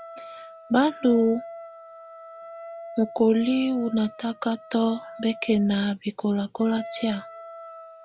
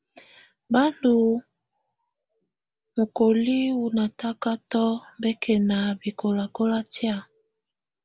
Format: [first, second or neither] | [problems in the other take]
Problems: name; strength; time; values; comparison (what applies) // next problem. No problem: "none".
second | background sound (Wind instrument, woodwind instrument); 16 dB below the speech